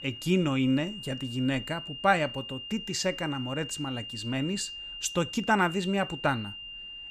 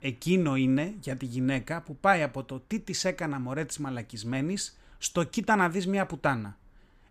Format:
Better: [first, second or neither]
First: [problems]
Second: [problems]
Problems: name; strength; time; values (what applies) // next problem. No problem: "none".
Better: second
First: high-pitched whine; loud; throughout; 3 kHz, 9 dB below the speech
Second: none